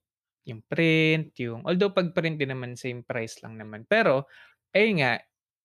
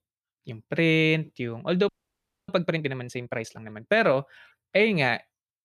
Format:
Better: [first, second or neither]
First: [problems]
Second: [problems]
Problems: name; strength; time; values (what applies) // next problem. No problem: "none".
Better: first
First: none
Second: audio freezing; at 2 s for 0.5 s